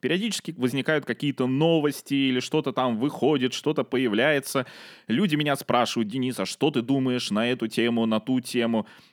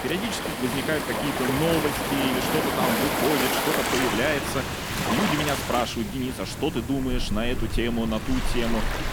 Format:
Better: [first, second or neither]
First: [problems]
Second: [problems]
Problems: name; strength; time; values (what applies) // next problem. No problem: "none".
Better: first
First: none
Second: rain or running water; very loud; throughout; as loud as the speech